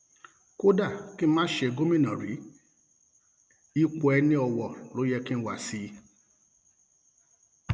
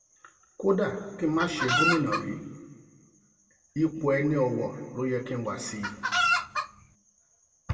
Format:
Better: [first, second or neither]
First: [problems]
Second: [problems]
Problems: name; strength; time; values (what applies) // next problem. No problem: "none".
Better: first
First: none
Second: background sound (Chicken, rooster); 2 dB above the speech // room echo; dies away in 1.2 s